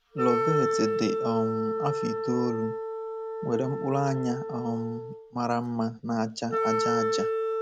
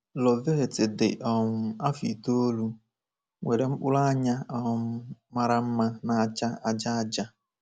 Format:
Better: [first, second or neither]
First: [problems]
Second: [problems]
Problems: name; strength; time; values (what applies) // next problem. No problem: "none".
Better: second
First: background sound (Wind instrument, woodwind instrument); as loud as the speech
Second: none